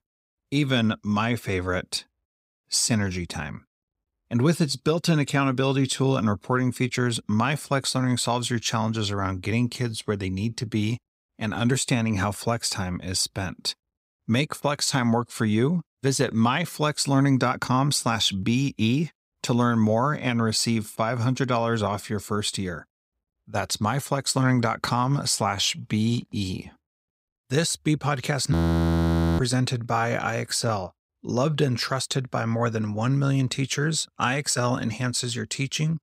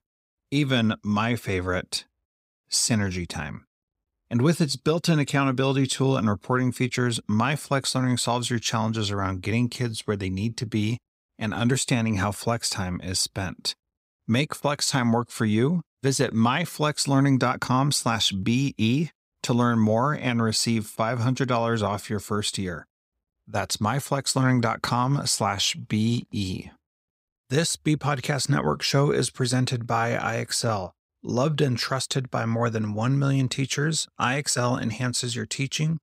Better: second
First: audio freezing; at 29 s for 1 s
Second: none

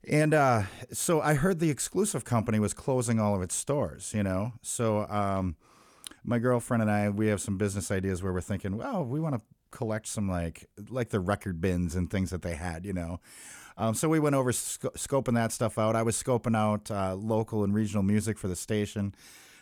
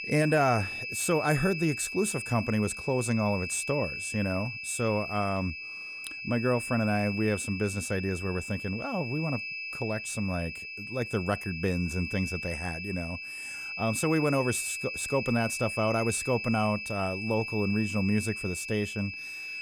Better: first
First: none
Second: high-pitched whine; loud; throughout; 2.5 kHz, 5 dB below the speech

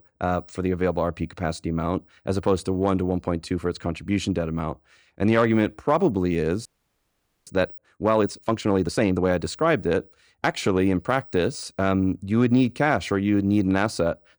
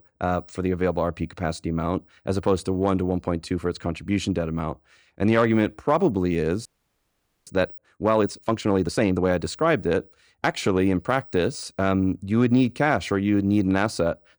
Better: neither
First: audio freezing; at 6.5 s for 1 s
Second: audio freezing; at 6.5 s for 1 s

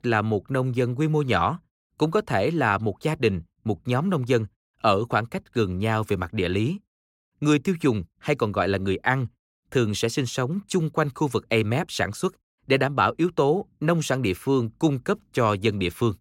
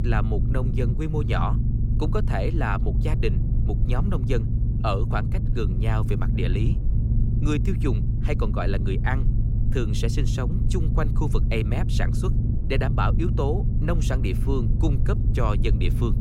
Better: first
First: none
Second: low rumble; loud; throughout; 7 dB below the speech

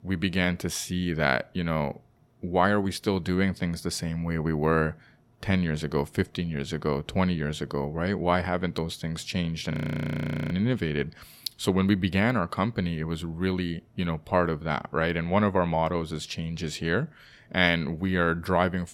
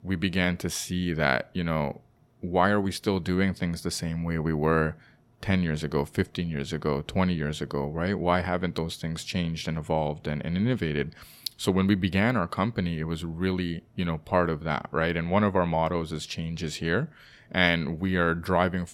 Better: second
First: audio freezing; at 9.5 s for 1 s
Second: none

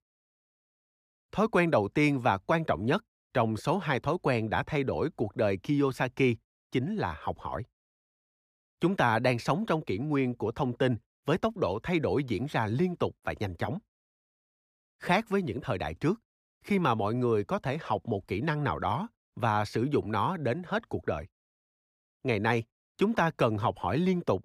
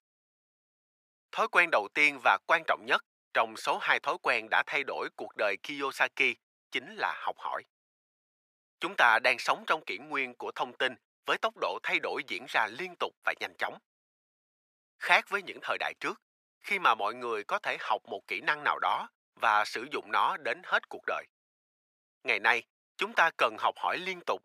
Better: first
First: none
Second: thin; very; fading below 750 Hz

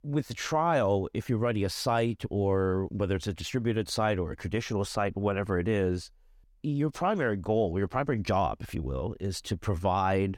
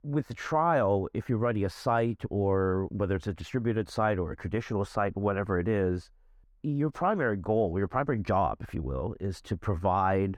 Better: first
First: none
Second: muffled; slightly; fading above 2 kHz

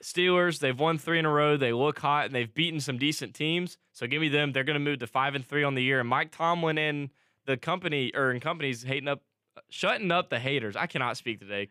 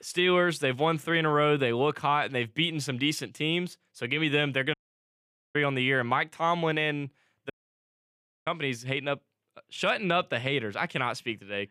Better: first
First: none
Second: audio cutting out; at 4.5 s for 1 s and at 7.5 s for 1 s

